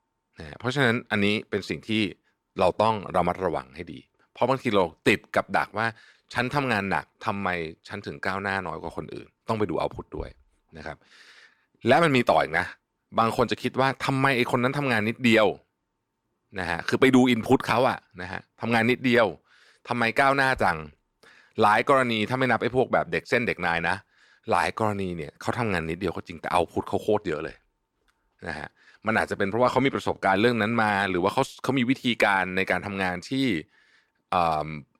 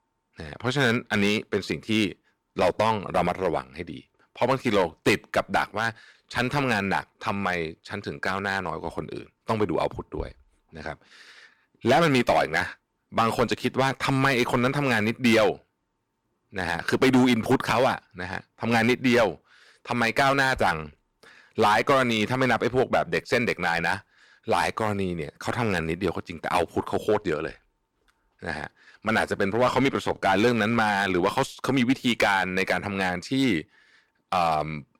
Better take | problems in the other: first | distortion; slight; 4% of the sound clipped

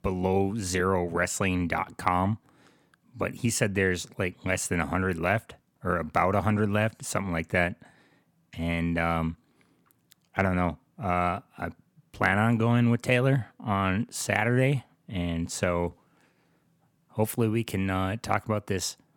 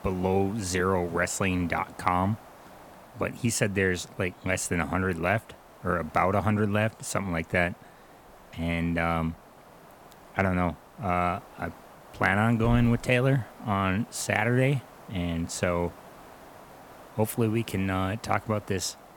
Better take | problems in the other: first | hiss; faint; throughout; 20 dB below the speech

